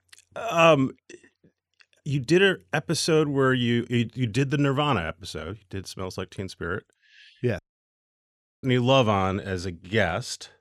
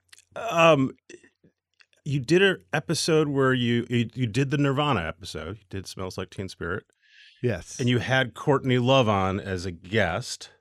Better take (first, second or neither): second